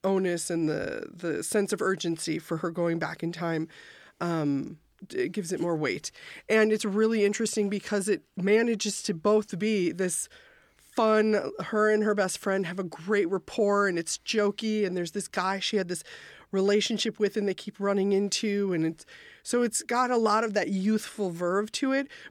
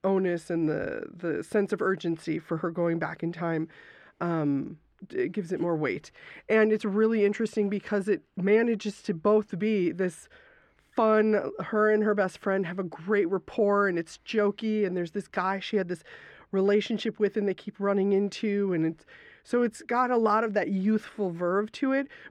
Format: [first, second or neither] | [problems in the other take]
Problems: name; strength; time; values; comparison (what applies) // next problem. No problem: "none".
first | muffled; slightly; fading above 4 kHz